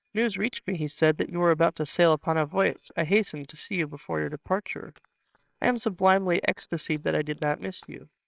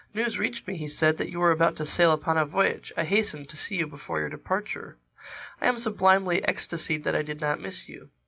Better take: second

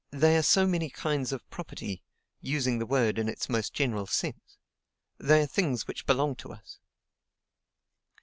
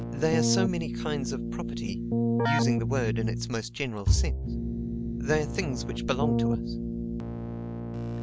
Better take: first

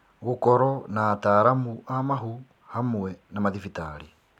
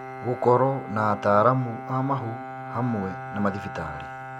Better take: first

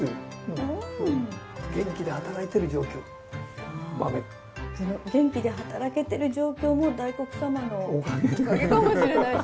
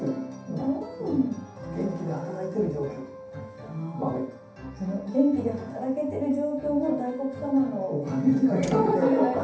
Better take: first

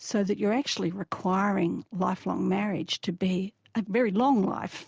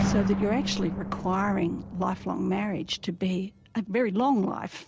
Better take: first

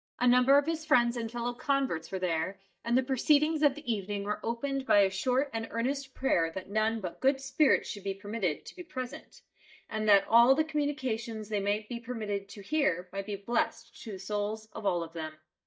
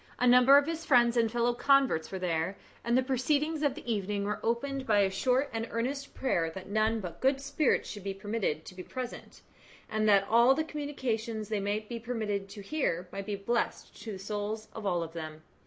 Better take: second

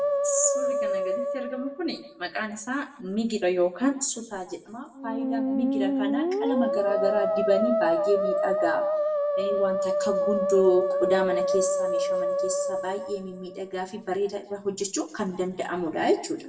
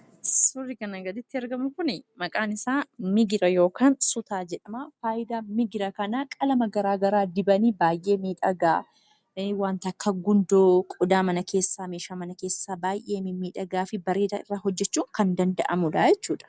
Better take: second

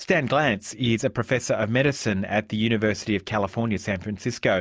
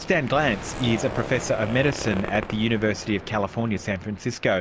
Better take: first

